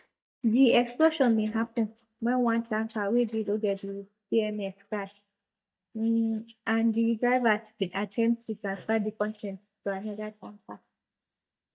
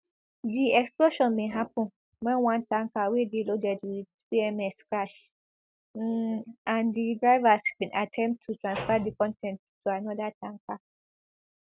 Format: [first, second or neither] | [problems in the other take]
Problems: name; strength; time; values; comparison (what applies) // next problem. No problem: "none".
second | noise reduction (neural mask model DeepFilterNet 3)